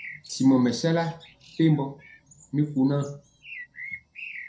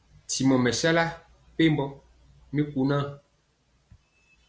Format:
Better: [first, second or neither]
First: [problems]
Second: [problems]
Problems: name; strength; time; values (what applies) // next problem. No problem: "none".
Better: second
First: background sound (Bird); 18 dB below the speech // room echo; dies away in 0.2 s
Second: none